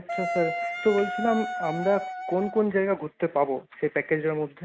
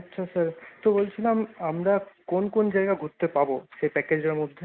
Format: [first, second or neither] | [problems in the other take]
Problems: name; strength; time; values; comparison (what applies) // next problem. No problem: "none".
second | background sound (Wind instrument, woodwind instrument); 6 dB below the speech